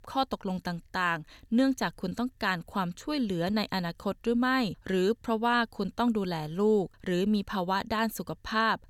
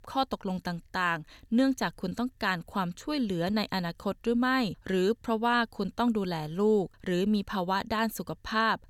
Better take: neither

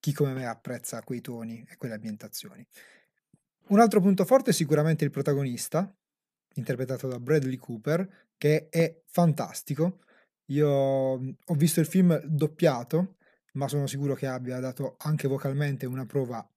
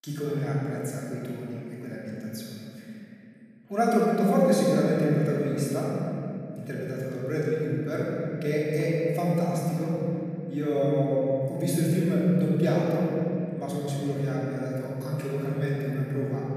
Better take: first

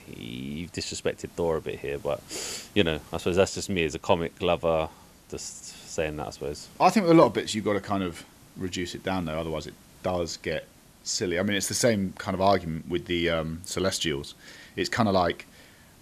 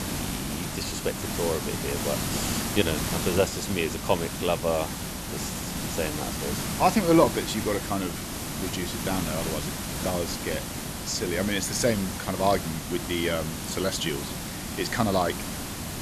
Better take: first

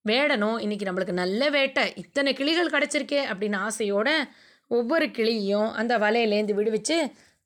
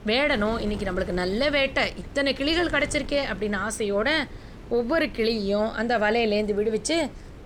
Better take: first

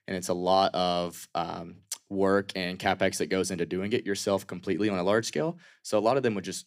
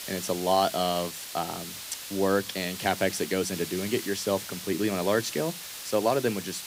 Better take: first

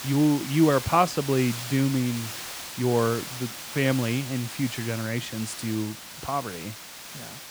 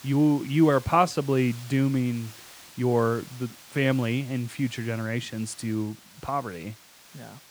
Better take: second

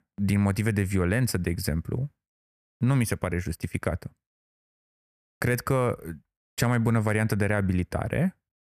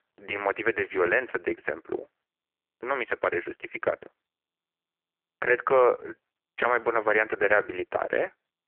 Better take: first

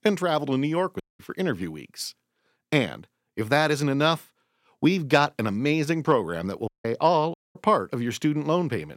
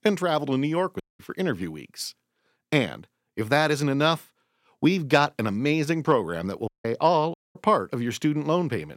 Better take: neither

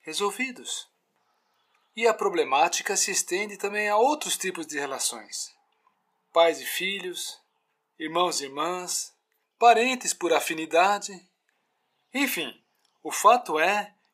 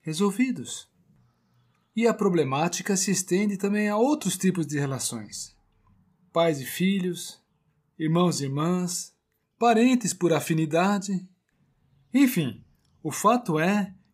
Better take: second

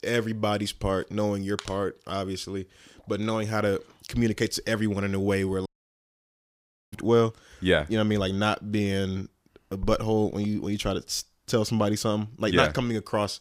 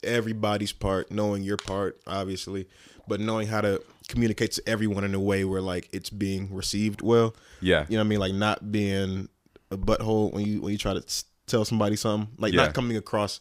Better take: second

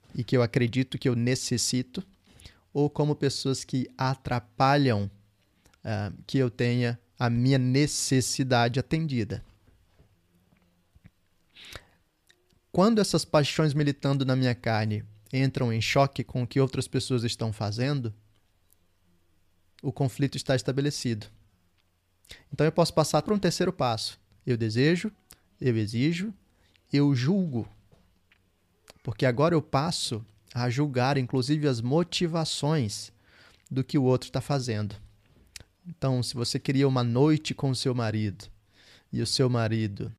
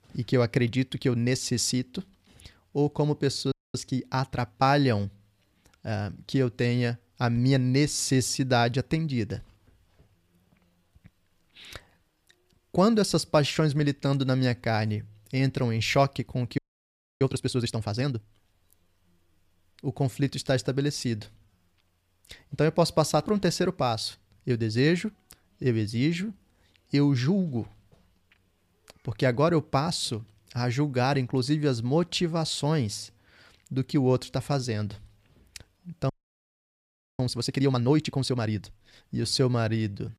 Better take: first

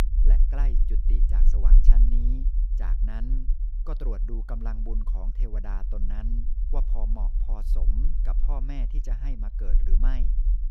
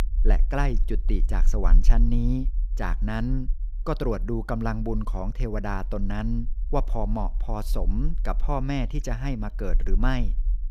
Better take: second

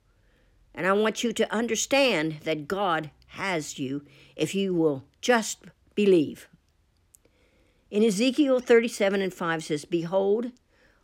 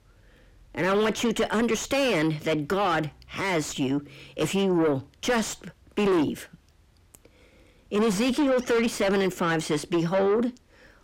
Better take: first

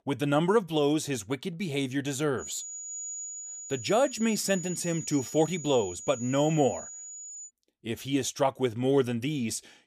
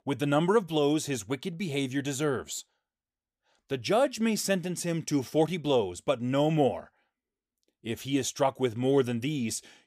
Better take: second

